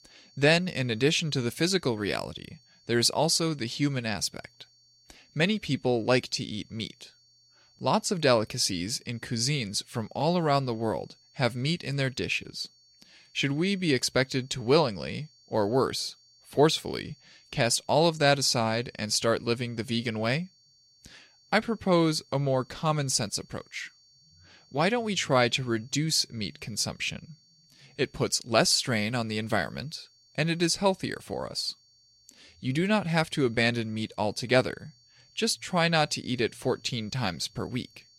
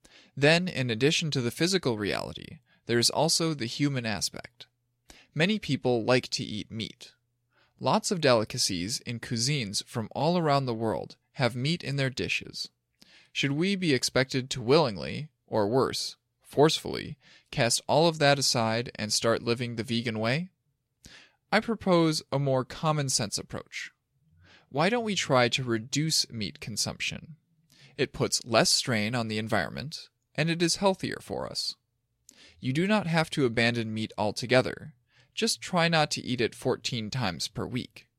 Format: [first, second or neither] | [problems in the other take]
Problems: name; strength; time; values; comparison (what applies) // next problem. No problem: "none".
second | high-pitched whine; faint; throughout; 4.5 kHz, 30 dB below the speech